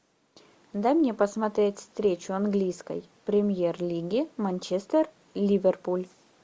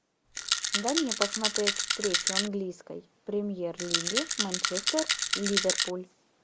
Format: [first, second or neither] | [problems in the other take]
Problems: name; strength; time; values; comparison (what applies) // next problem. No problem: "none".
first | background sound (Rattle); 4 dB above the speech